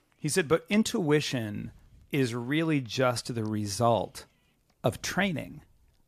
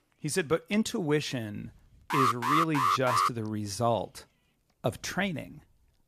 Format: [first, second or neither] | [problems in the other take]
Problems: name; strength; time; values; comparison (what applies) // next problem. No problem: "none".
first | alarm; loud; from 2 to 3.5 s; peak 5 dB above the speech